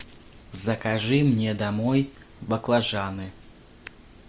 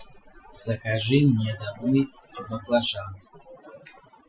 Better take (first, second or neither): first